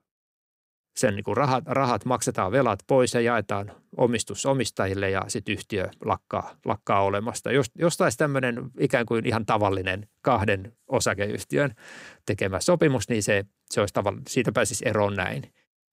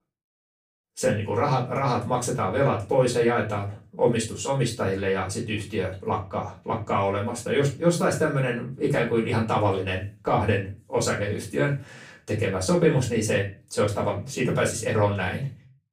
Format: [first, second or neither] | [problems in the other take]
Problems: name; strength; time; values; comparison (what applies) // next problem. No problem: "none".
first | off-mic speech; far // room echo; slight; dies away in 0.3 s